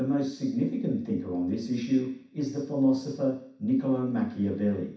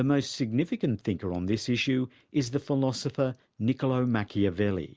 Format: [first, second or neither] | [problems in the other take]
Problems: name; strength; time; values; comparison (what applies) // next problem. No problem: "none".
second | room echo; dies away in 0.6 s